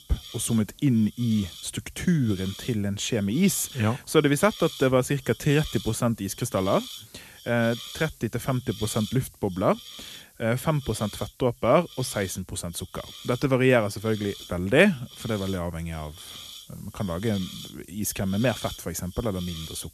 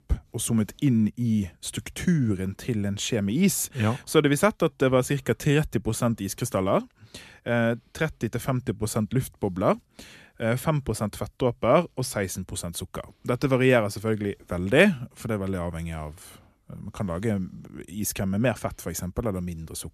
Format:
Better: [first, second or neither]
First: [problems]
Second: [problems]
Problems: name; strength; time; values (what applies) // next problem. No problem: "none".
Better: second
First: hiss; noticeable; throughout; 15 dB below the speech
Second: none